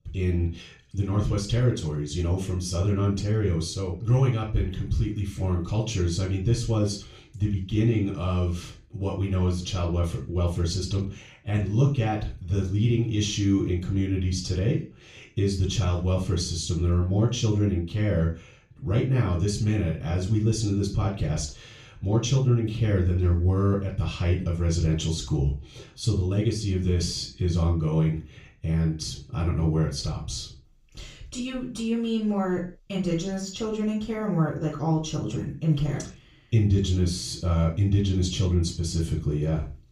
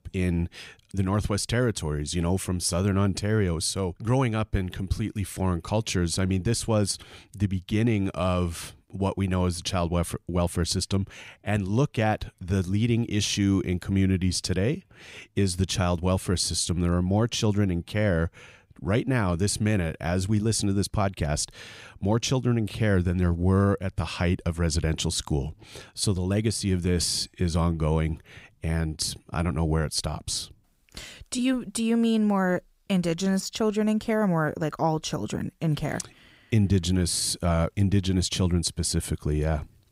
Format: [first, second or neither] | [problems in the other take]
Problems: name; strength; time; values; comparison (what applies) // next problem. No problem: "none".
second | room echo; slight; dies away in 0.3 s // off-mic speech; far